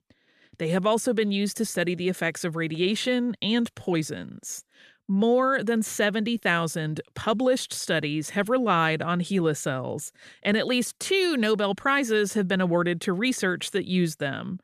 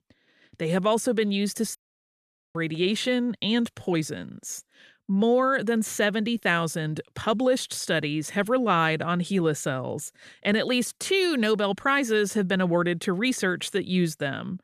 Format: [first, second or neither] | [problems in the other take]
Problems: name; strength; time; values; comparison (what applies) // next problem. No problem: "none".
first | audio cutting out; at 2 s for 1 s